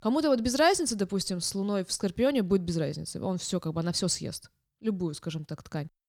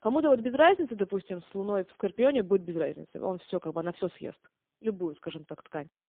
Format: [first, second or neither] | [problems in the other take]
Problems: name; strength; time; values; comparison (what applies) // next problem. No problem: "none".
first | phone-call audio; poor line